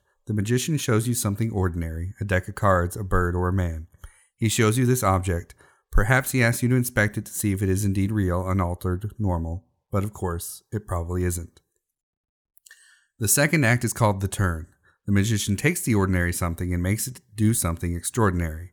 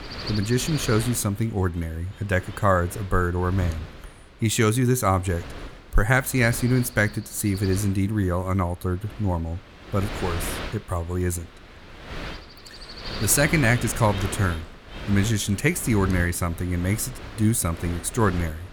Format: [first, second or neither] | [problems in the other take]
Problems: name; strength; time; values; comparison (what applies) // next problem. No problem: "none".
first | wind noise on the microphone; occasional gusts; 10 dB below the speech